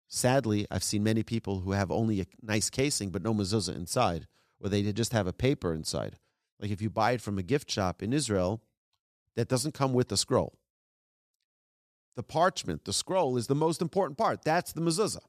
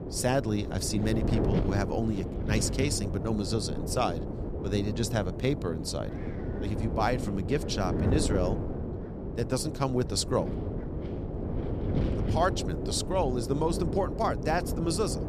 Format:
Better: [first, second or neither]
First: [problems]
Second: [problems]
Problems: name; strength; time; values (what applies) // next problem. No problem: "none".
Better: first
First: none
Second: wind noise on the microphone; heavy; 7 dB below the speech